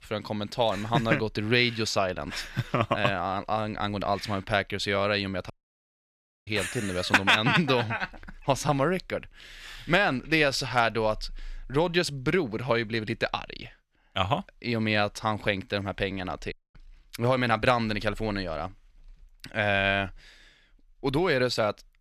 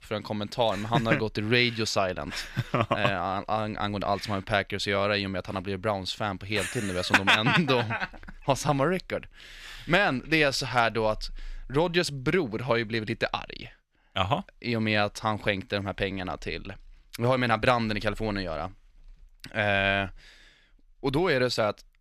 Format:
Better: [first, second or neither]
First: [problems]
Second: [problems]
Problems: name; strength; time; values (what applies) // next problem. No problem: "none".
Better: second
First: audio cutting out; at 5.5 s for 1 s and at 17 s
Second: none